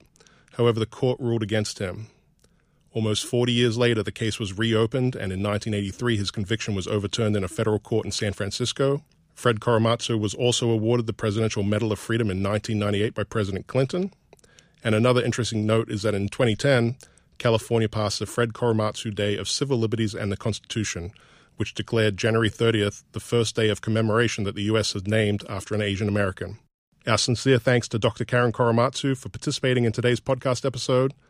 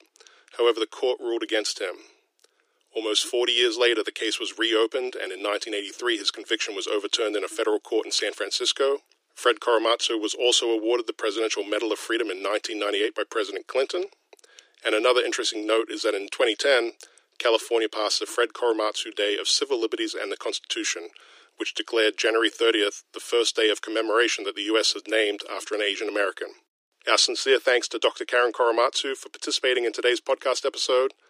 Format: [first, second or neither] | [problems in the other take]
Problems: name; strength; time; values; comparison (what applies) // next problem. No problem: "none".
first | thin; very; fading below 300 Hz